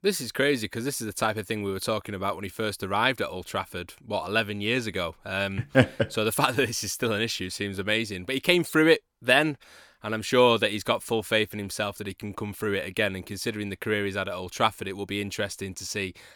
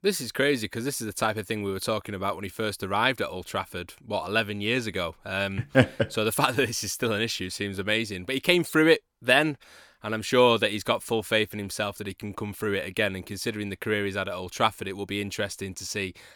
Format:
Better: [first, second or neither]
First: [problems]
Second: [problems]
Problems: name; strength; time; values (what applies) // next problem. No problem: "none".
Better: neither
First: none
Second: none